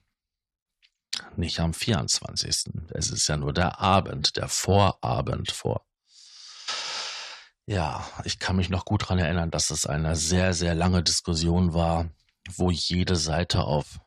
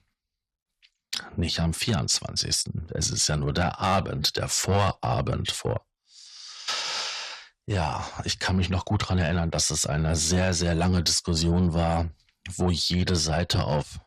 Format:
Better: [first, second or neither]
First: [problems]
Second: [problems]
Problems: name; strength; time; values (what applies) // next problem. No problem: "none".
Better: first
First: none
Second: distortion; slight; 10 dB below the speech